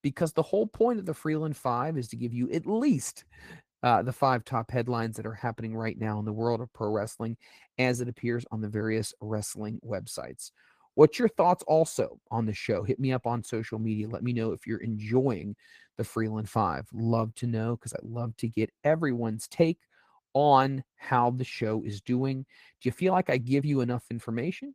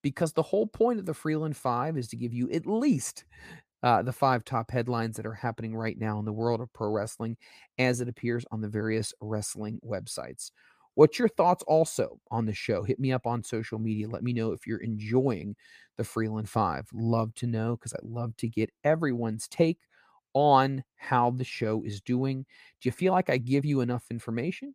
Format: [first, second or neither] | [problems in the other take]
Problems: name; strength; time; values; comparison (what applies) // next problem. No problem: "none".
second | garbled, watery; slightly; nothing above 15 kHz